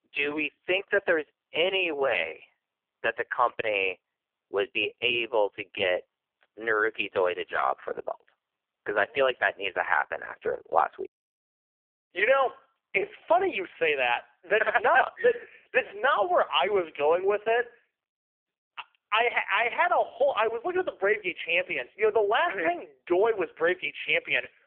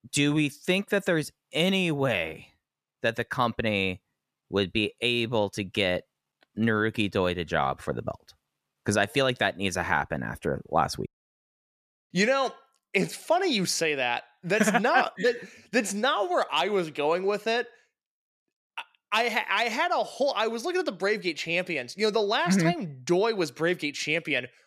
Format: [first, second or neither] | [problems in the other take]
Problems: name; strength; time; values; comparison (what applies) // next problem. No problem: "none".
second | phone-call audio; poor line; nothing above 3 kHz